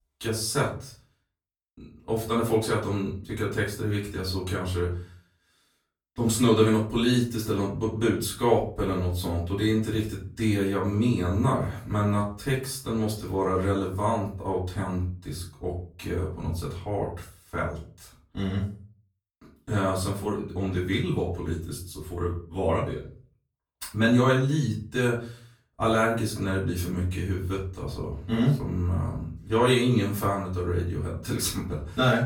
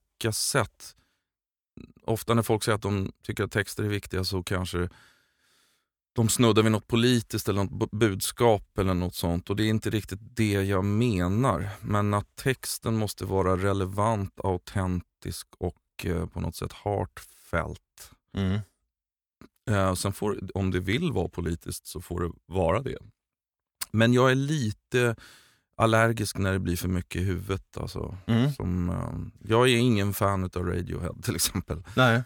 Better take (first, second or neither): second